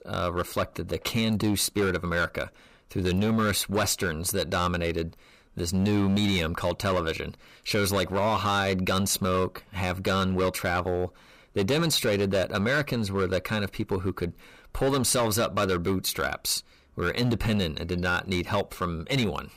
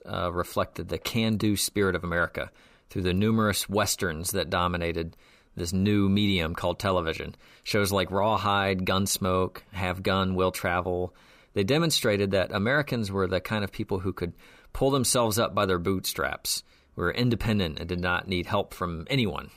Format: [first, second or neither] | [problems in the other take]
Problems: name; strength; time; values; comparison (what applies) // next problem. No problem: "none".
second | distortion; slight; 9% of the sound clipped